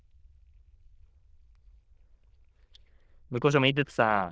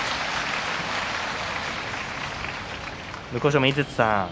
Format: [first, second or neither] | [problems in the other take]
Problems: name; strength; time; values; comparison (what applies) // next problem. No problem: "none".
second | noise reduction (neural diffusion model UNIVERSE++)